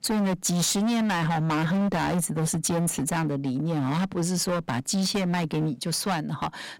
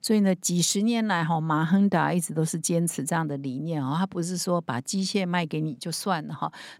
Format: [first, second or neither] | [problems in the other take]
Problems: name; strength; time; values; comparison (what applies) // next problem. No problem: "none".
second | distortion; heavy; 27% of the sound clipped